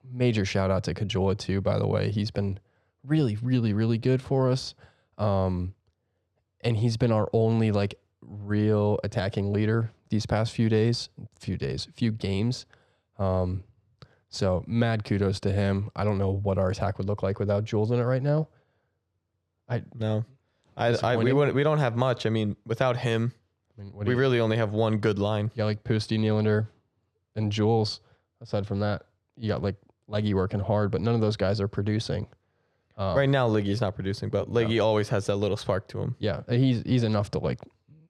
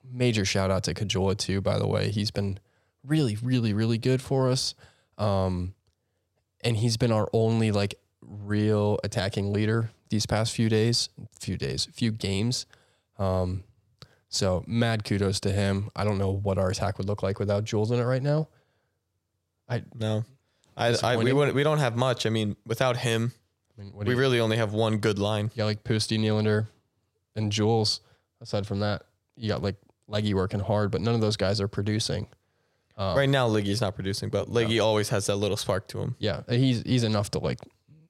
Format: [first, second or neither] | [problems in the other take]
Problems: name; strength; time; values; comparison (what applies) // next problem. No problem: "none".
second | muffled; very slightly; fading above 2 kHz